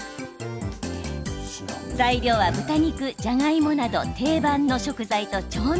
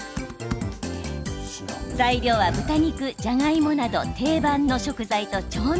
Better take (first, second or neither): first